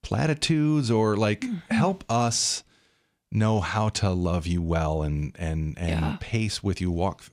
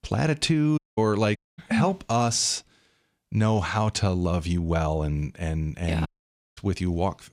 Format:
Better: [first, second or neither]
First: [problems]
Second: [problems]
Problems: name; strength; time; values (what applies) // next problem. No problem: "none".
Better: first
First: none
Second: audio cutting out; at 1 s, at 1.5 s and at 6 s for 0.5 s